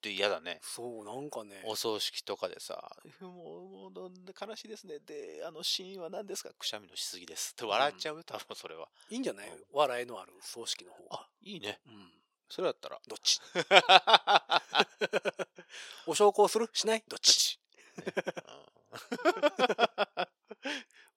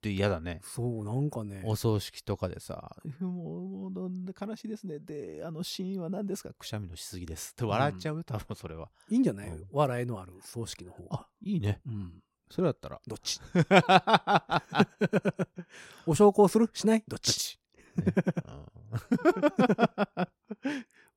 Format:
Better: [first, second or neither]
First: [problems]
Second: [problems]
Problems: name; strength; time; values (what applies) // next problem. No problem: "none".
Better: second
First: thin; very; fading below 550 Hz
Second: none